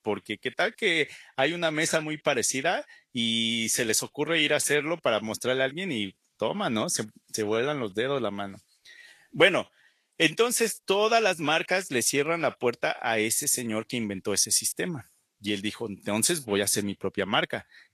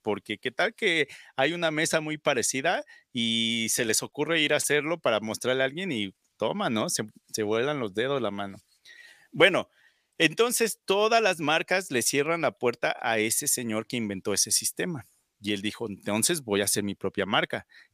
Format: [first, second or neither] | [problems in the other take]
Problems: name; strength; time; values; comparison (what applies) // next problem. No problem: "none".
second | garbled, watery; slightly; nothing above 11.5 kHz